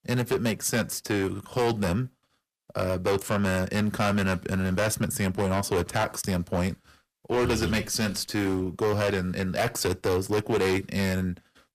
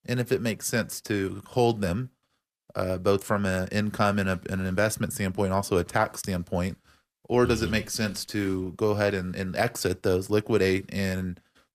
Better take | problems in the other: second | distortion; heavy; 11% of the sound clipped

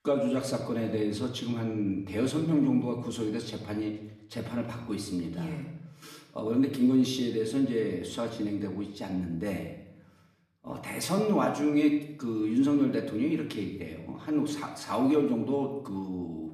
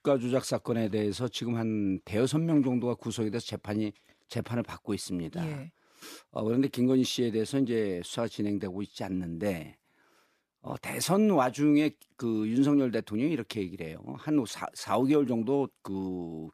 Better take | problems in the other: second | room echo; slight; dies away in 0.7 s // off-mic speech; somewhat distant

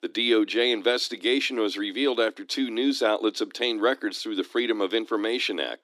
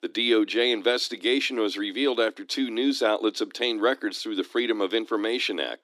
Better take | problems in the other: neither | thin; somewhat; fading below 300 Hz; the same in both

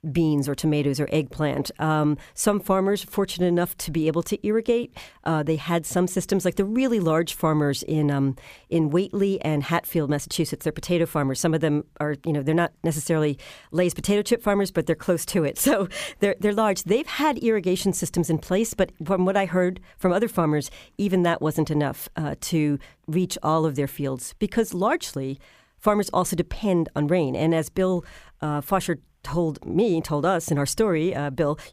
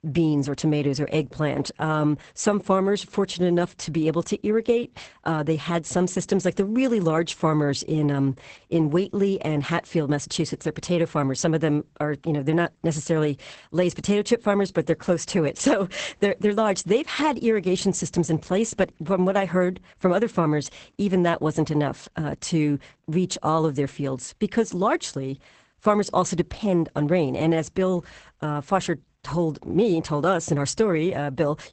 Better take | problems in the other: first | garbled, watery; badly; nothing above 8 kHz

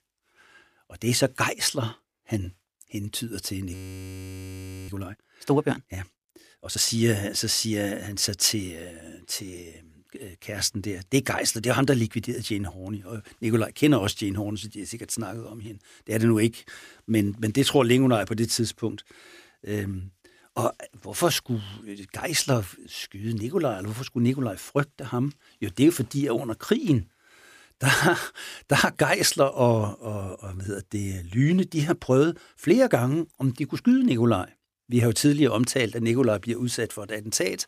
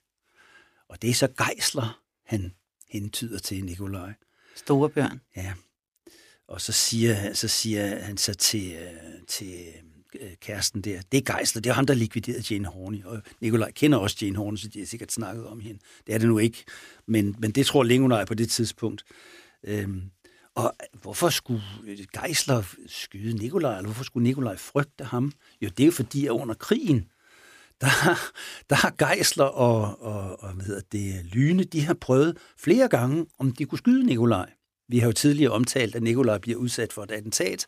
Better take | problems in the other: second | audio freezing; at 3.5 s for 1 s

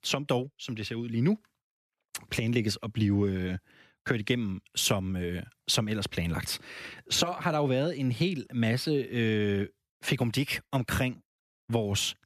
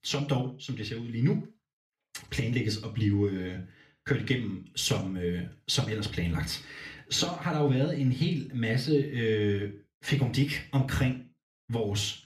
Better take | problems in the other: first | room echo; very slight; dies away in 0.3 s // off-mic speech; somewhat distant

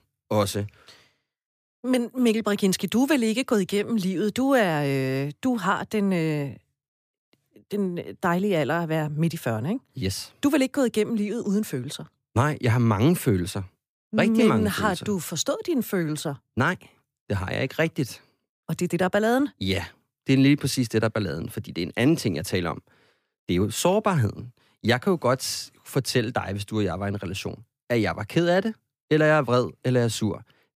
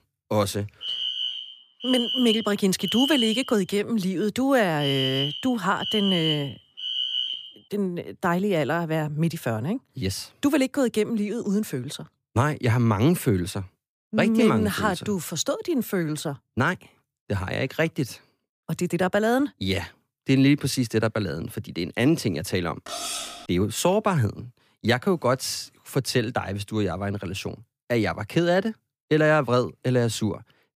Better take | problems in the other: first | alarm; loud; from 1 to 7.5 s; peak 1 dB above the speech // clattering dishes; noticeable; at 23 s; peak 4 dB below the speech

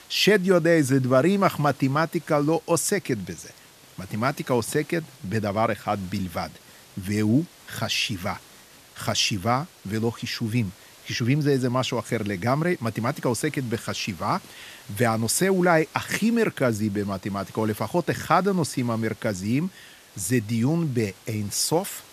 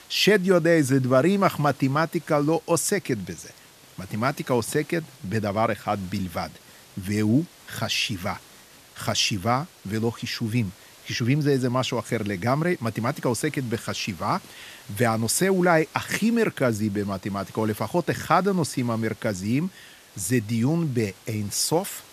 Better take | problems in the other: neither | hiss; faint; throughout; 25 dB below the speech; the same in both

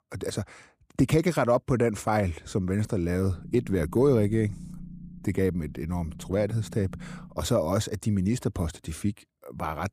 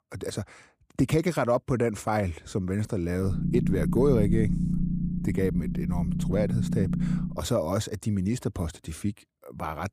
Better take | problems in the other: first | low rumble; loud; from 3.5 to 7.5 s; 6 dB below the speech; faint in the first

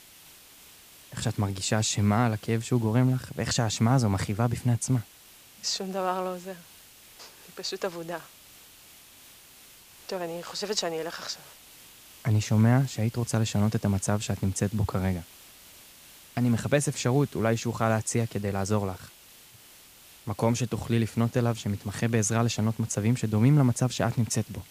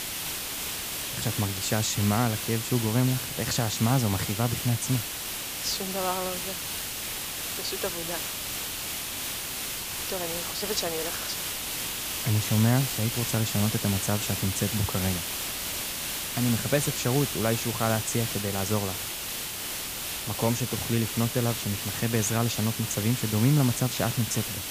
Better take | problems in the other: first | hiss; loud; throughout; 2 dB below the speech; faint in the first

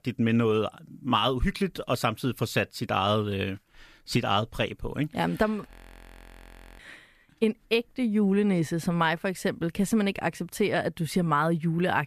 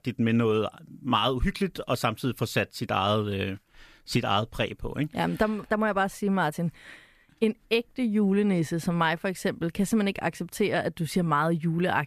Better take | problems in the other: second | audio freezing; at 5.5 s for 1 s

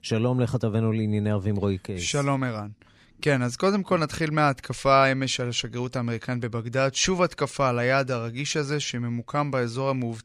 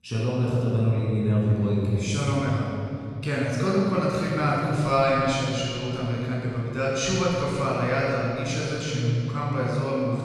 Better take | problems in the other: first | room echo; strong; dies away in 3 s // off-mic speech; far

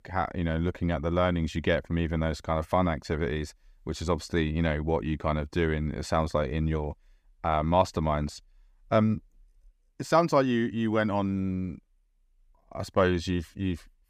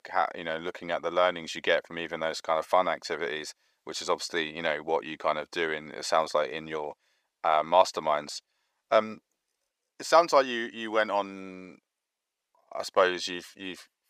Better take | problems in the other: first | thin; very; fading below 600 Hz

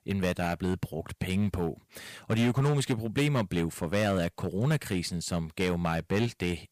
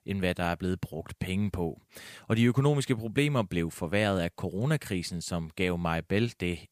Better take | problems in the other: second | distortion; slight; 6% of the sound clipped

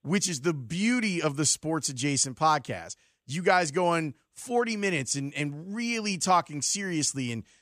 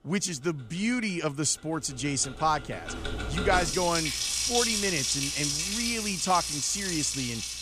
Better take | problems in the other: first | household noises; very loud; throughout; as loud as the speech

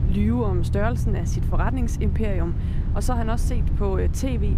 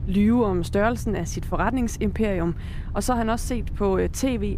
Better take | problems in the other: second | low rumble; loud; throughout; 9 dB below the speech; faint in the second

